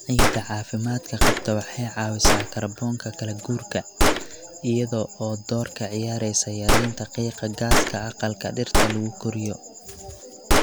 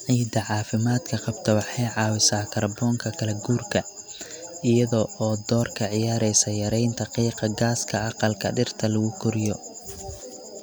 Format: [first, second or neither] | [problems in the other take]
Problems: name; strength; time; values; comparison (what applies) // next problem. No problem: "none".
second | background sound (Gunshot, gunfire); 3 dB above the speech